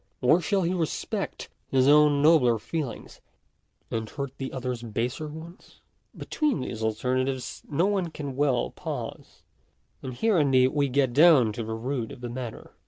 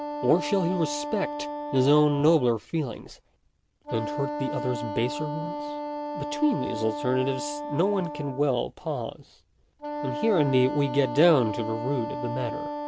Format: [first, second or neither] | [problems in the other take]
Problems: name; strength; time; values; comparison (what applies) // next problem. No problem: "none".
first | background sound (Wind instrument, woodwind instrument); 7 dB below the speech